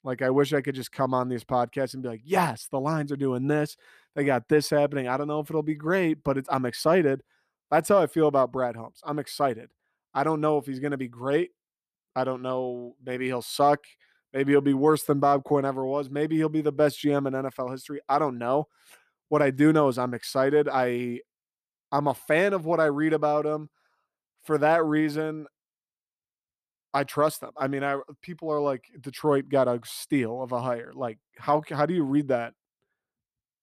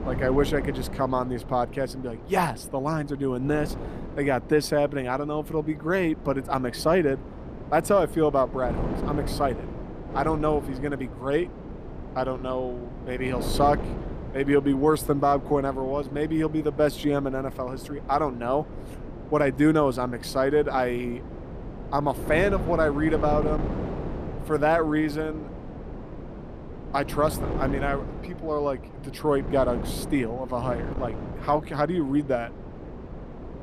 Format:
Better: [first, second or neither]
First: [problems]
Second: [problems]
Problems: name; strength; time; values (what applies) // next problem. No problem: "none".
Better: first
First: none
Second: wind noise on the microphone; occasional gusts; 15 dB below the speech